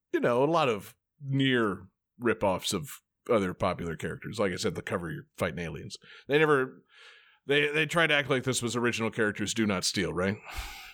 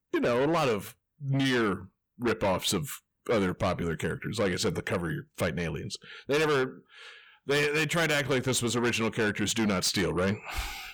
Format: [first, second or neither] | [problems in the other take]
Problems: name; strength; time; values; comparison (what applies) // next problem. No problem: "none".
first | distortion; heavy; 8 dB below the speech